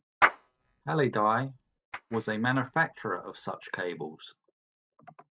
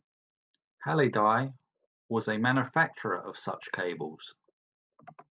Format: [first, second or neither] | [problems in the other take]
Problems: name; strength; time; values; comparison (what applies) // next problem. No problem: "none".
second | noise reduction (neural mask model RNNoise)